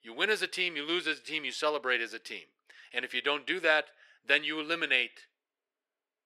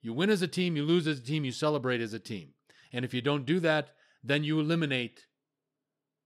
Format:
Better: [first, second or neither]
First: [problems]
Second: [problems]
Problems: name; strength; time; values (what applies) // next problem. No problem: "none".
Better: second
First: thin; very; fading below 450 Hz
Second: none